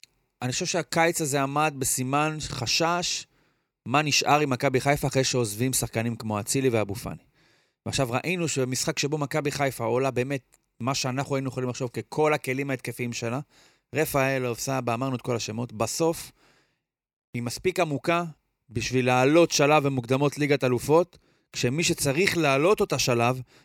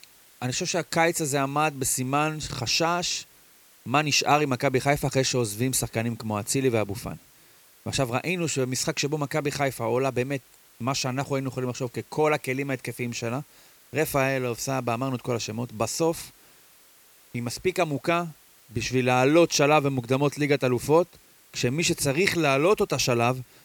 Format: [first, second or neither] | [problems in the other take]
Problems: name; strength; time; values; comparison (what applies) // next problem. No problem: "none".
first | hiss; faint; throughout; 30 dB below the speech